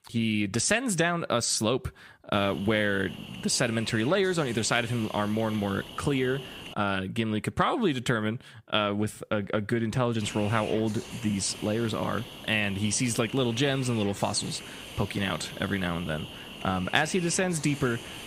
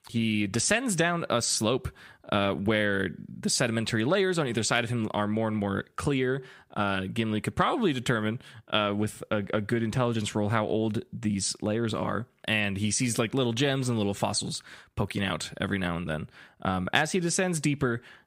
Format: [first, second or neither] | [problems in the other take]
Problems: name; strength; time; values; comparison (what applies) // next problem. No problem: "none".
second | hiss; noticeable; from 2.5 to 6.5 s and from 10 s on; 15 dB below the speech